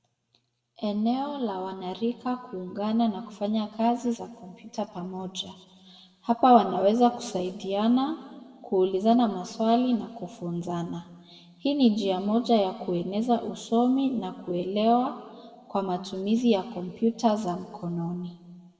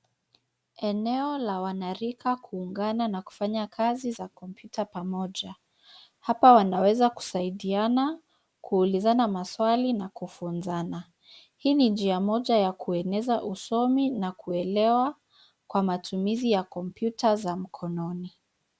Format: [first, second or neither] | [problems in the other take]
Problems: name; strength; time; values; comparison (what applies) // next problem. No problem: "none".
second | room echo; dies away in 1.3 s